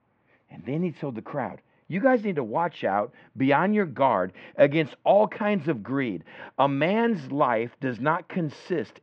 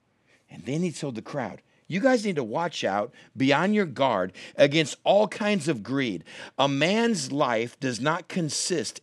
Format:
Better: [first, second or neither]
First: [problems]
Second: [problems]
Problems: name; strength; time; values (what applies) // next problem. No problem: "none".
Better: second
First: muffled; very; fading above 2.5 kHz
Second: none